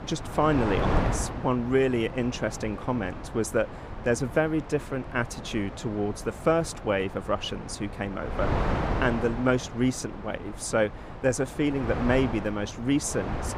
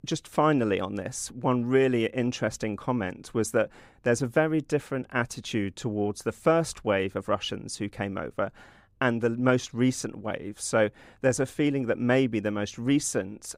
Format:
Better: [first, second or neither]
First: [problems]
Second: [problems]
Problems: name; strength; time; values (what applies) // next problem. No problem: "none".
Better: second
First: wind noise on the microphone; heavy; 7 dB below the speech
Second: none